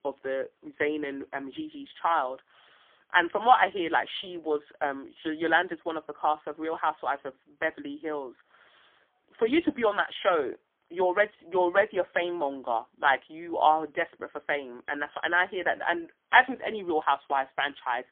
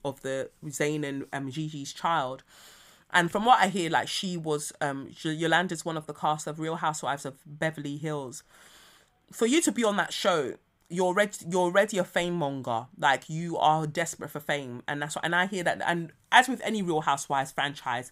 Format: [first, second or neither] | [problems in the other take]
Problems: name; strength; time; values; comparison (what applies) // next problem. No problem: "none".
second | phone-call audio; poor line; nothing above 3.5 kHz